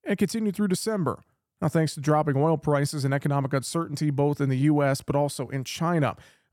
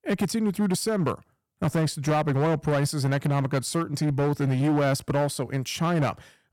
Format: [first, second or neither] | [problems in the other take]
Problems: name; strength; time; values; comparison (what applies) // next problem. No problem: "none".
first | distortion; slight; 12% of the sound clipped